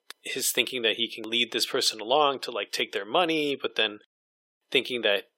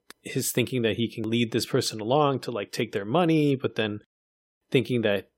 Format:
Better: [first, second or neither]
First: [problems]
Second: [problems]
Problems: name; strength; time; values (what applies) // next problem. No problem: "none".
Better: second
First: thin; somewhat; fading below 500 Hz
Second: none